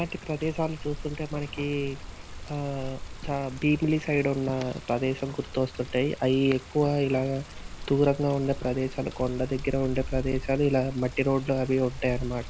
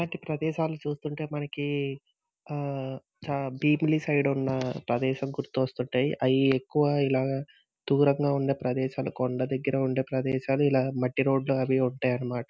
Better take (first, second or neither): second